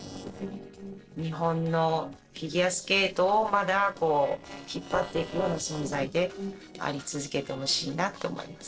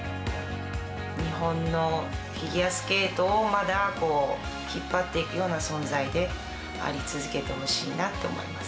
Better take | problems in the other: second | noise reduction (neural separator model SepFormer DNS4)

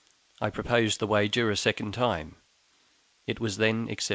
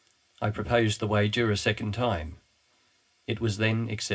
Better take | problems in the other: first | room echo; dies away in 0.4 s

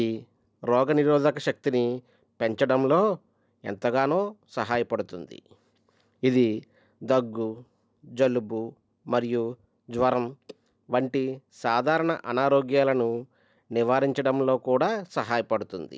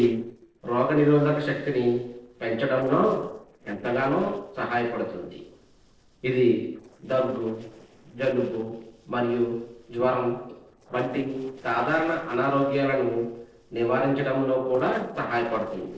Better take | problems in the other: first | noise reduction (neural separator model SepFormer DNS4)

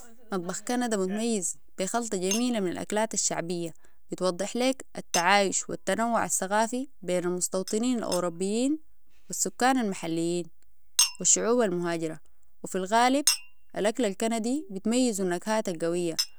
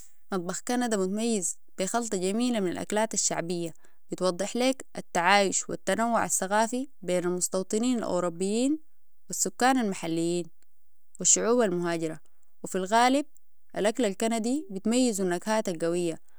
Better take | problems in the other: second | background sound (Chink, clink); 11 dB below the speech

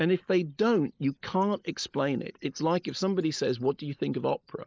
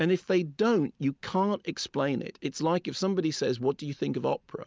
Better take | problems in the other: second | noise reduction (neural mask model Resemble Enhance denoiser)

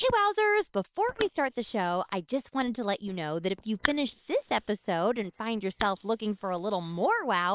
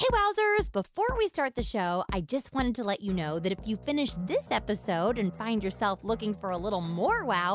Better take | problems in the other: second | noise reduction (neural separator model SepFormer WHAM!)

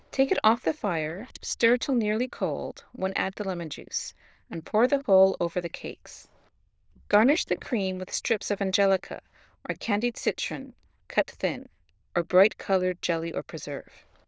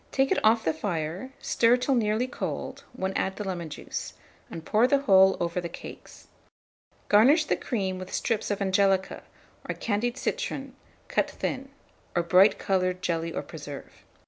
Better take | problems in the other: second | noise reduction (neural diffusion model UNIVERSE++)

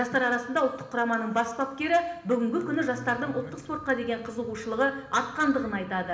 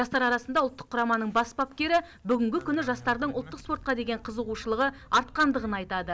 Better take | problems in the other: second | room echo; dies away in 1 s

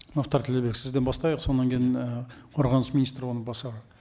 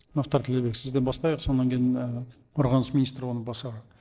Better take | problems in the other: first | noise reduction (neural separator model SepFormer DNS4)

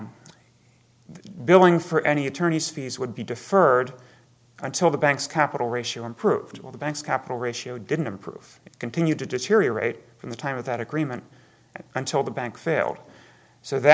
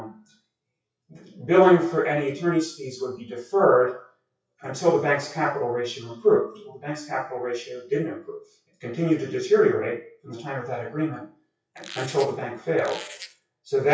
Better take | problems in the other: first | noise reduction (classical method WPE with log-MMSE)

